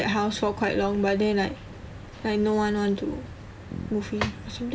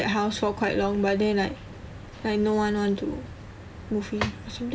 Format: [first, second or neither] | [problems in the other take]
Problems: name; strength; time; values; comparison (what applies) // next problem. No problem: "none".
second | background sound (Bass guitar); 19 dB below the speech